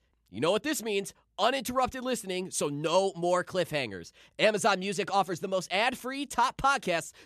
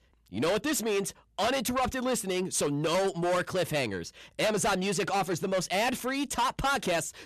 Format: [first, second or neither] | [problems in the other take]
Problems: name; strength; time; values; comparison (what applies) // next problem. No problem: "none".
first | distortion; heavy; 6 dB below the speech